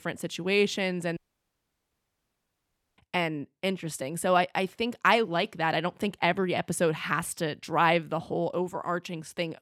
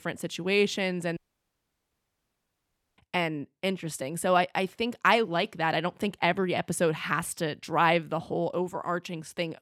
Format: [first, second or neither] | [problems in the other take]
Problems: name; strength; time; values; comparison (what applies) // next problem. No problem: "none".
neither | audio cutting out; at 1 s for 2 s; the same in both